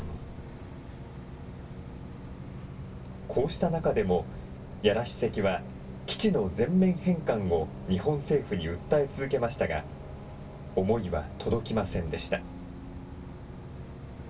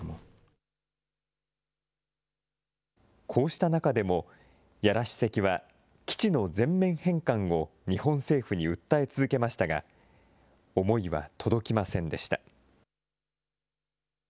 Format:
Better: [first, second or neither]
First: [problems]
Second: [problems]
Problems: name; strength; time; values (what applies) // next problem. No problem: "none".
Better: second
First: background sound (Bus); 10 dB below the speech // room echo; dies away in 0.1 s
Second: none